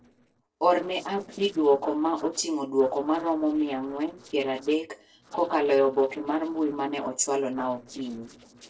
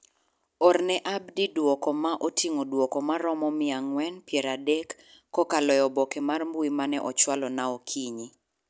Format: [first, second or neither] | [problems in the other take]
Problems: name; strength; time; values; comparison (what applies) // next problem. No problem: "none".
second | noise reduction (neural separator model SepFormer DNS4)